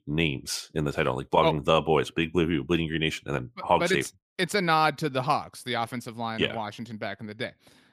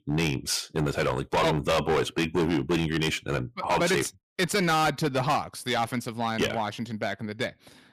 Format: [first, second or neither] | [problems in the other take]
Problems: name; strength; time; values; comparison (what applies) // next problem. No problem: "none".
first | distortion; heavy; 11% of the sound clipped